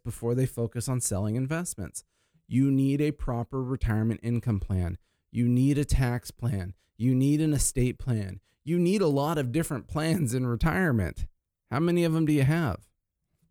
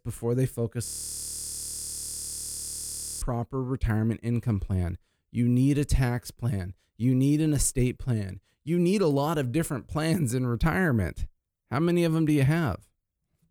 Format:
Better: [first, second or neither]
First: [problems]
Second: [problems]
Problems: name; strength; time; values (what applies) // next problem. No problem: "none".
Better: first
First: none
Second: audio freezing; at 1 s for 2.5 s